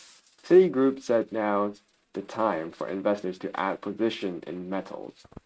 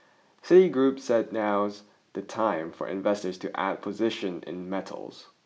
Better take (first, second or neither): second